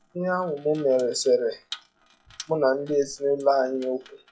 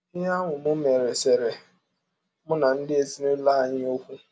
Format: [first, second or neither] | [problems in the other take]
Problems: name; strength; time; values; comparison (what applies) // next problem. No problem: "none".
second | noise reduction (classical method log-MMSE)